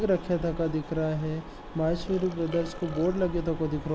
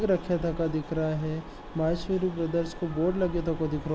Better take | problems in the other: second | background sound (Burping, eructation); 17 dB below the speech

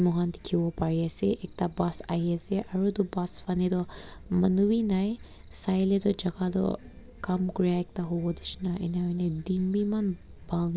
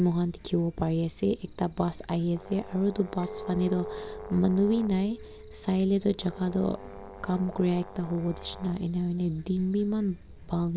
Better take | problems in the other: first | background sound (Brass instrument + Chink, clink); 17 dB below the speech

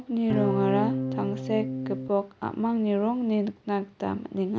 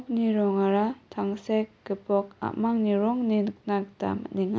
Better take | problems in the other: second | background sound (Electric guitar / Strum); 3 dB below the speech

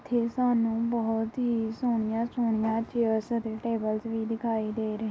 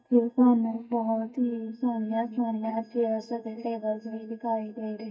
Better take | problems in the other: first | noise reduction (neural mask model DeepFilterNet 3)

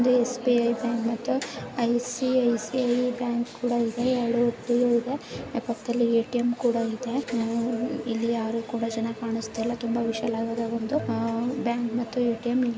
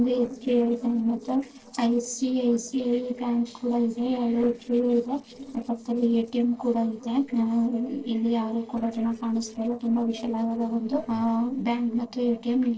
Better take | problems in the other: first | noise reduction (neural separator model SepFormer DNS4)

